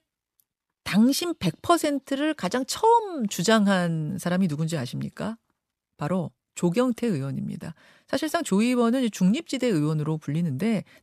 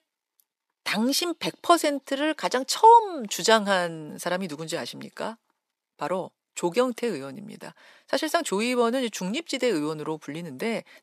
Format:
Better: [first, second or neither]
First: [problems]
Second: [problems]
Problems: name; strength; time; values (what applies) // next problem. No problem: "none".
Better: first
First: none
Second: thin; somewhat; fading below 400 Hz